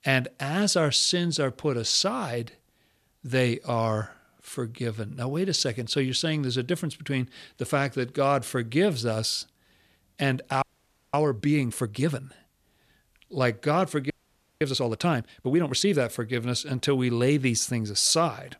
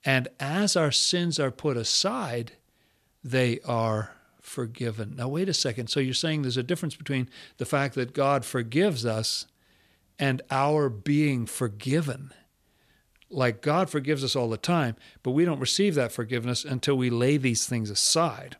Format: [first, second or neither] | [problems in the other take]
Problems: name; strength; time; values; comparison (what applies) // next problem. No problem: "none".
second | audio freezing; at 11 s for 0.5 s and at 14 s for 0.5 s